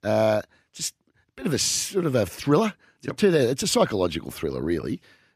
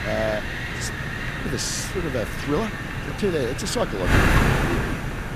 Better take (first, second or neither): first